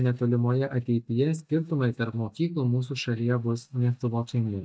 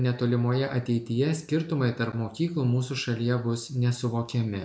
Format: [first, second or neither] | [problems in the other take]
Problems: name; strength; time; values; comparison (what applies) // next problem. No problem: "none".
second | noise reduction (neural mask model DeepFilterNet 3)